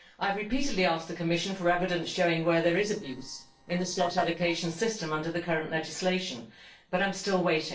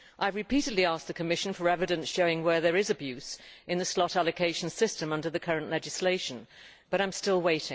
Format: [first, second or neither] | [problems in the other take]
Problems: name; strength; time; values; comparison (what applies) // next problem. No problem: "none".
second | noise reduction (neural separator model SepFormer DNS4)